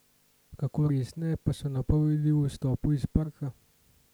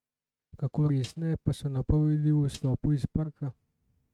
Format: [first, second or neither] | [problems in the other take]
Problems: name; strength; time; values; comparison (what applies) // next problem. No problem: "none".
first | noise reduction (neural mask model RNNoise)